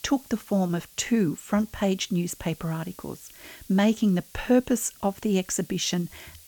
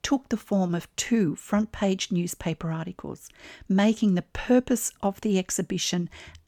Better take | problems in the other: second | hiss; faint; throughout; 20 dB below the speech

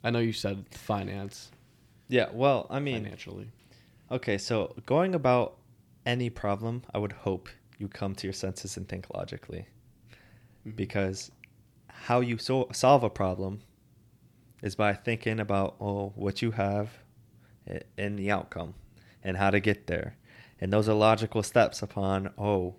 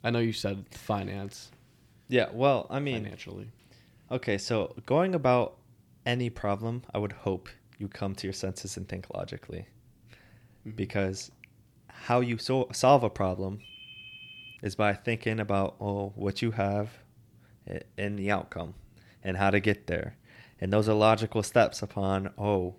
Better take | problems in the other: first | phone ringing; faint; at 14 s; peak 15 dB below the speech

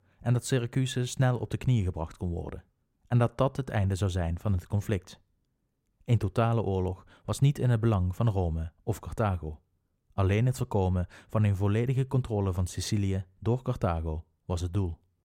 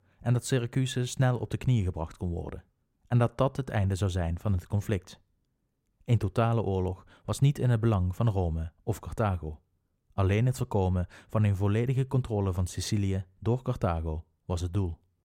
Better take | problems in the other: neither | none

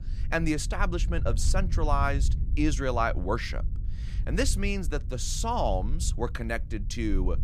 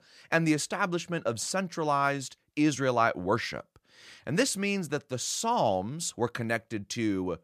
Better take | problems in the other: second | low rumble; noticeable; throughout; 20 dB below the speech

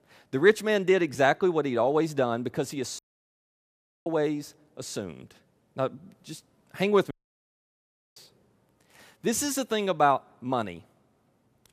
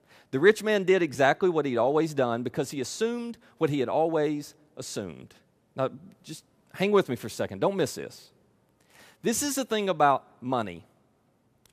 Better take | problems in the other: second | audio cutting out; at 3 s for 1 s and at 7 s for 1 s

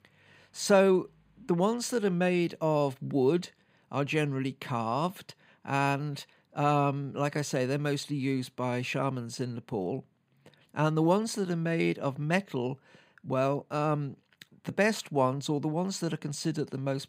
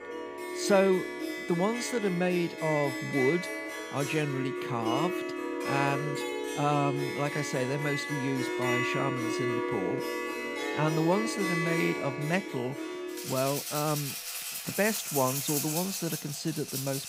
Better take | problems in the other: first | background music; loud; throughout; 2 dB below the speech

